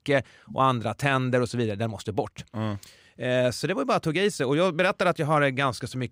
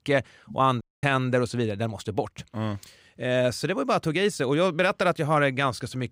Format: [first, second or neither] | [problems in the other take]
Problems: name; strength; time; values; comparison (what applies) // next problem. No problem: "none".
first | audio cutting out; at 1 s